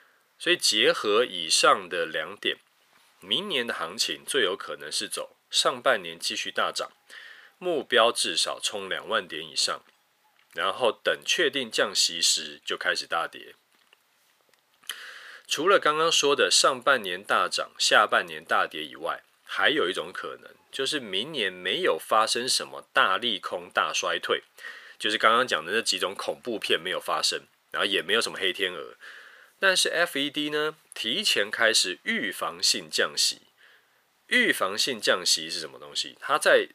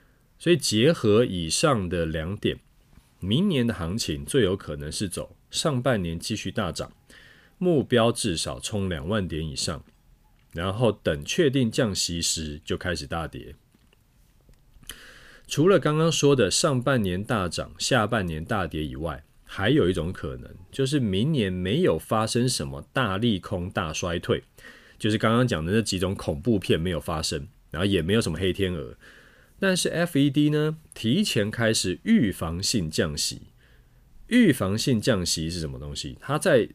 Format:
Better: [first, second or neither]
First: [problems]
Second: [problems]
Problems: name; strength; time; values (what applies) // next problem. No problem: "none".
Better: second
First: thin; very; fading below 600 Hz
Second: none